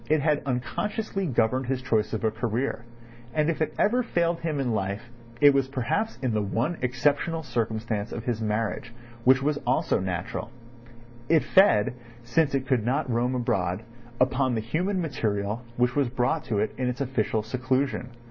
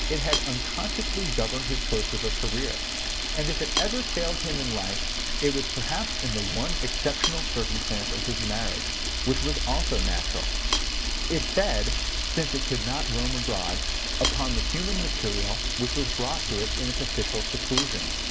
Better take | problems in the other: first | background sound (Camera); 5 dB above the speech

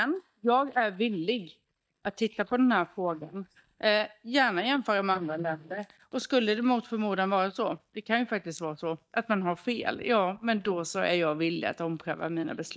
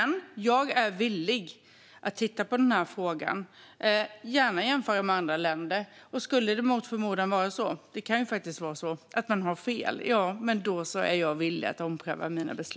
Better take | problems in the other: second | noise reduction (neural mask model DeepFilterNet 3)

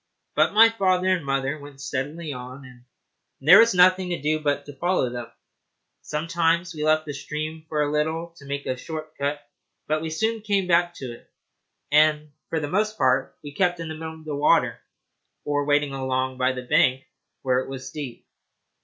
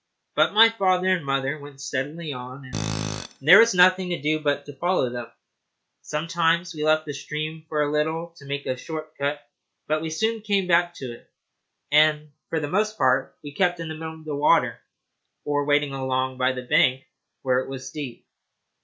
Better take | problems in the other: first | background sound (Tools); 7 dB below the speech

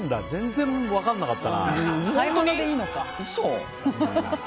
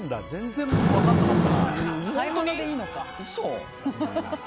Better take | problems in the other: first | background sound (Fire); 3 dB above the speech

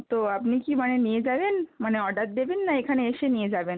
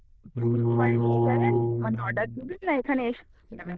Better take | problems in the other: first | noise reduction (neural diffusion model UNIVERSE++)

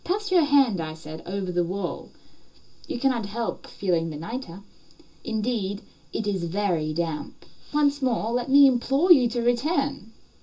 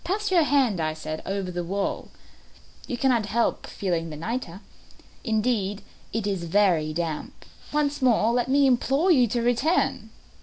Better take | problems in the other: second | room echo; dies away in 0.2 s

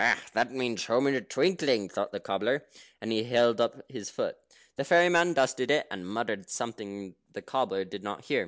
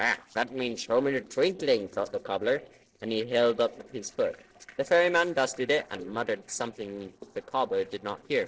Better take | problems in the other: first | noise reduction (neural separator model SepFormer DNS4)

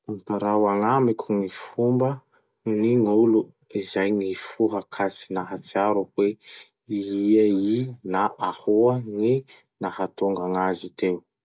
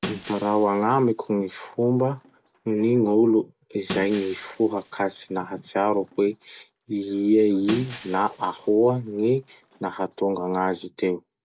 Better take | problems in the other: first | background sound (Shatter); 18 dB below the speech

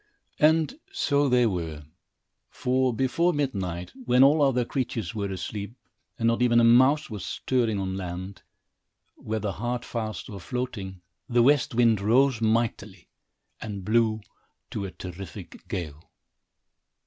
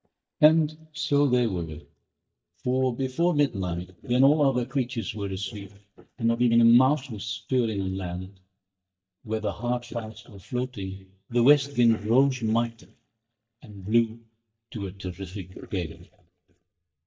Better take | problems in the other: first | noise reduction (neural mask model DeepFilterNet 3)

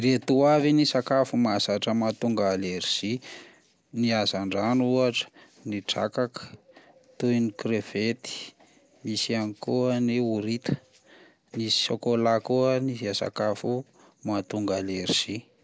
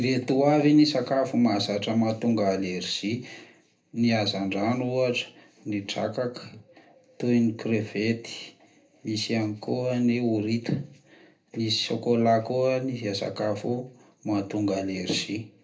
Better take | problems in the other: first | room echo; dies away in 0.3 s

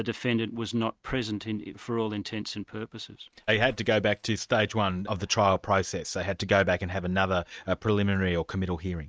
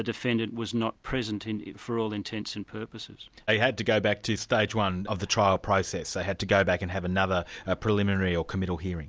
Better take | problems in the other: second | noise reduction (neural mask model RNNoise)

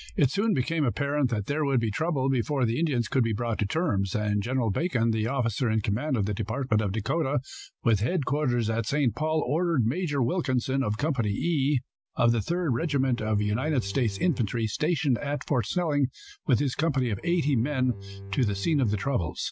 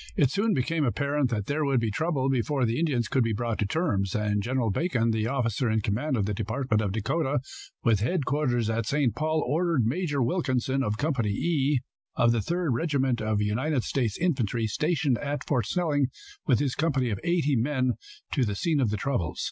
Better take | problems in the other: second | background sound (Bowed string instrument); 15 dB below the speech

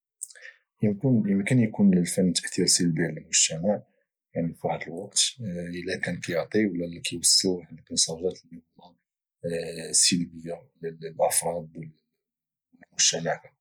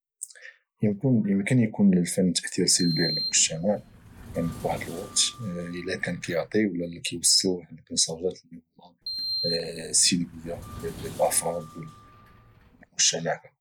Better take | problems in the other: first | background sound (Sliding door); 10 dB below the speech

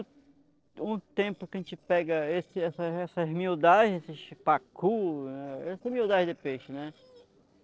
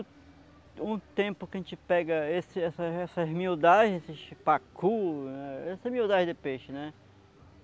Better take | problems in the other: second | noise reduction (neural separator model SepFormer DNS4)

